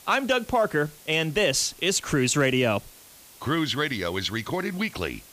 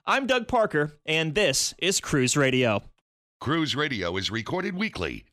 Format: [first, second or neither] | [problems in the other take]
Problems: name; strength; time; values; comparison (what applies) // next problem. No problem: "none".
second | hiss; faint; throughout; 20 dB below the speech